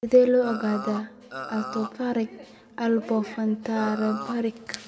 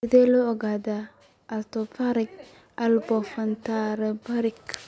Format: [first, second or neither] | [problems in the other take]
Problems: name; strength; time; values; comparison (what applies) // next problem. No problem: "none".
second | background sound (Burping, eructation); 11 dB below the speech // room echo; dies away in 1 s